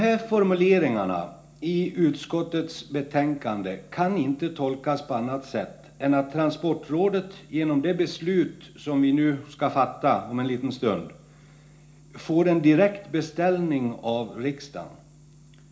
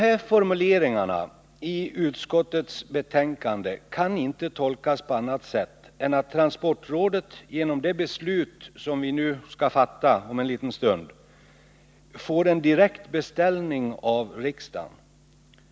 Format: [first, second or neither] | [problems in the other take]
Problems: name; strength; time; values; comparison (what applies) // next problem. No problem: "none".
second | room echo; dies away in 0.4 s